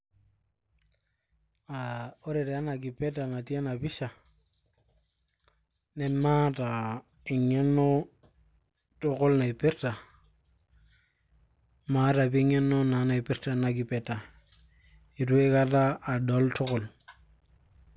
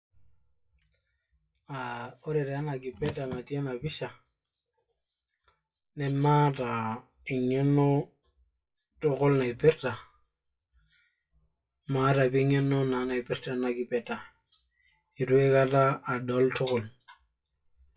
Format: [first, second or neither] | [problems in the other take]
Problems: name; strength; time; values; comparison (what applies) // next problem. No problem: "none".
first | noise reduction (classical method WPE with log-MMSE)